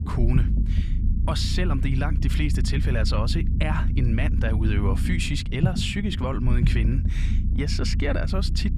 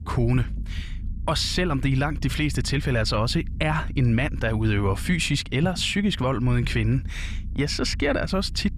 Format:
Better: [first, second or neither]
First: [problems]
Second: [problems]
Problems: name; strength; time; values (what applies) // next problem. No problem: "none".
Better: second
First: low rumble; loud; throughout; 8 dB below the speech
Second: low rumble; faint; throughout; 20 dB below the speech